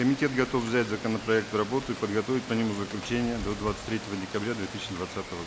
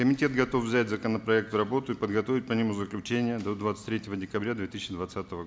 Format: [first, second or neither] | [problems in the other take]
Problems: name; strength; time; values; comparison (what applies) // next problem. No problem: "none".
second | background sound (Rain); 11 dB below the speech